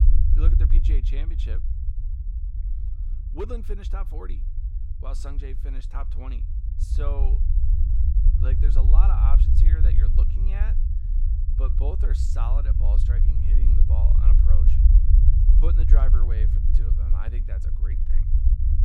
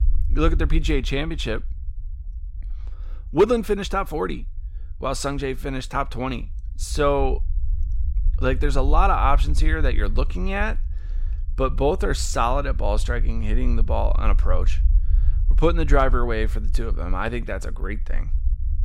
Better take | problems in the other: second | low rumble; loud; throughout; 2 dB below the speech; faint in the second

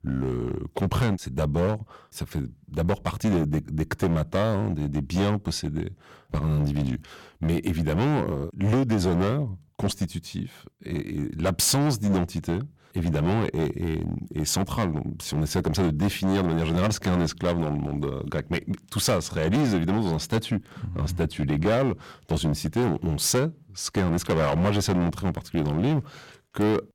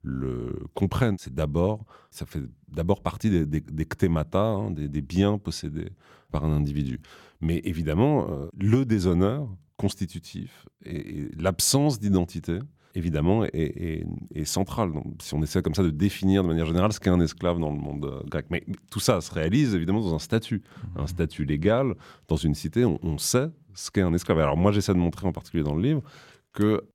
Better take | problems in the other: second | distortion; heavy; 12% of the sound clipped

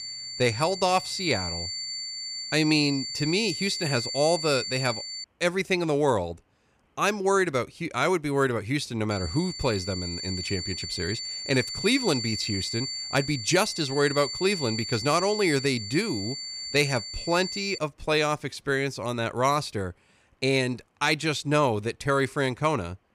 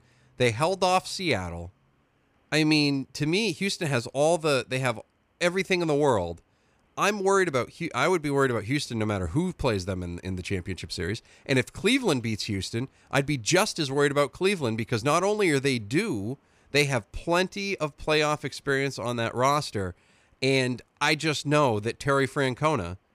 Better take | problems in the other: second | high-pitched whine; loud; until 5 s and from 9 to 18 s; 4.5 kHz, 6 dB below the speech

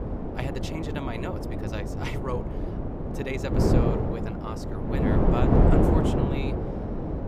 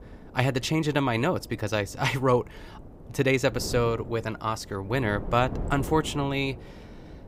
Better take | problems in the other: second | wind noise on the microphone; heavy; 5 dB above the speech; occasional gusts in the second

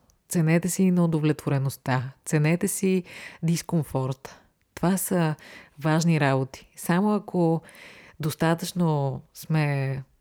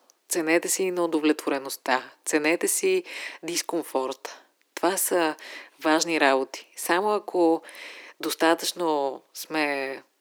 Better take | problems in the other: first | thin; very; fading below 300 Hz

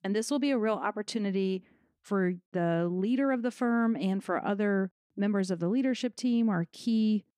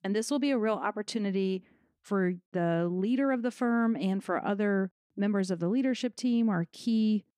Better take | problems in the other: neither | none

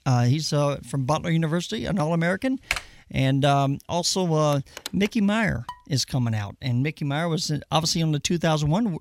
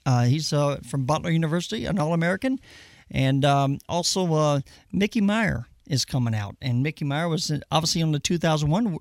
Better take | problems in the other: second | keyboard typing; noticeable; at 2.5 s; peak 5 dB below the speech // phone ringing; faint; at 4.5 s; peak 15 dB below the speech // clattering dishes; faint; at 5.5 s; peak 20 dB below the speech

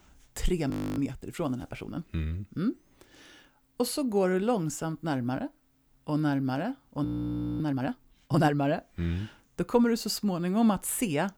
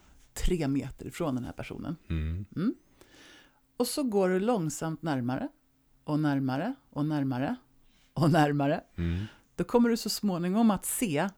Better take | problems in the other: second | audio freezing; at 0.5 s and at 7 s for 0.5 s

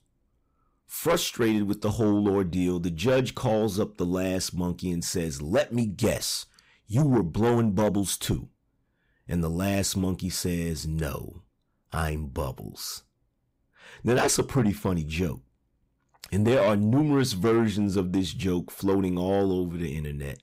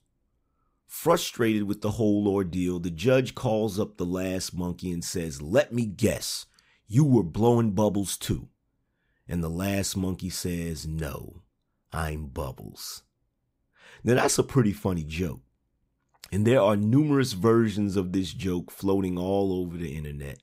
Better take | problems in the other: second | distortion; slight; 10 dB below the speech

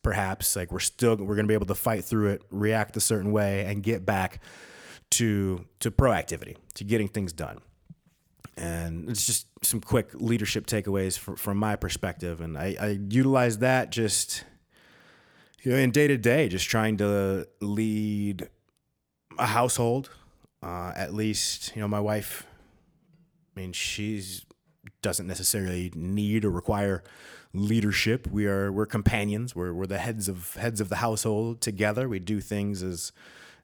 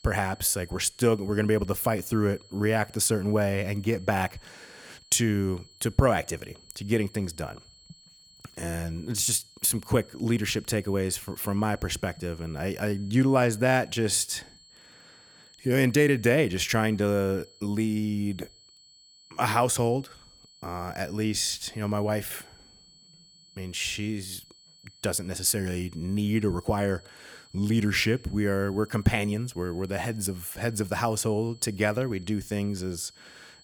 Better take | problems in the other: first | high-pitched whine; faint; throughout; 4.5 kHz, 25 dB below the speech

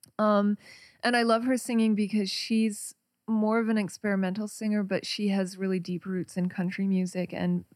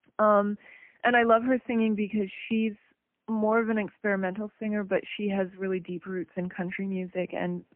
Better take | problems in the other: first | phone-call audio; poor line; nothing above 3 kHz

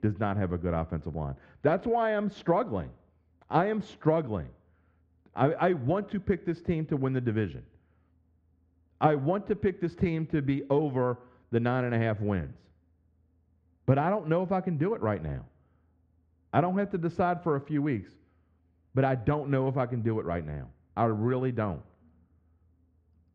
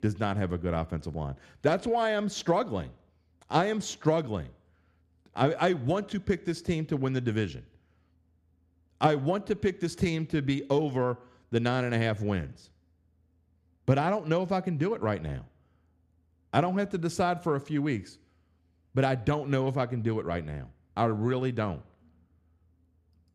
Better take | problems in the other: second | muffled; very; fading above 2 kHz

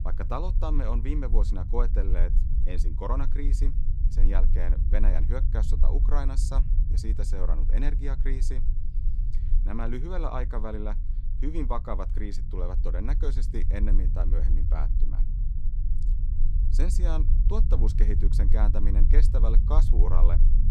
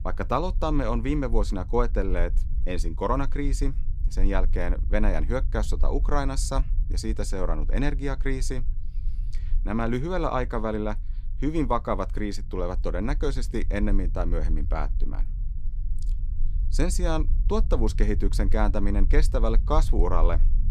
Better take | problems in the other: second | low rumble; loud; throughout; 10 dB below the speech; faint in the second

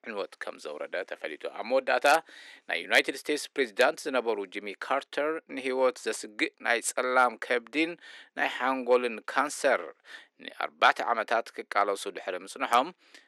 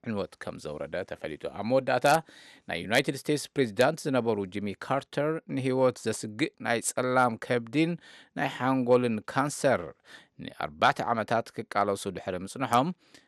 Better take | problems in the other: second | thin; somewhat; fading below 300 Hz

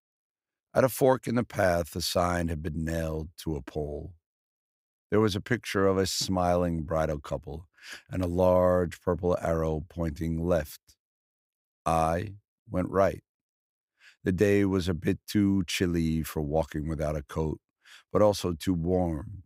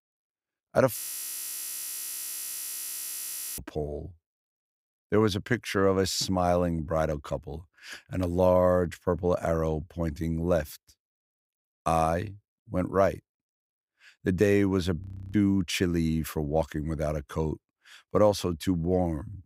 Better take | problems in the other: first | audio freezing; at 1 s for 2.5 s and at 15 s

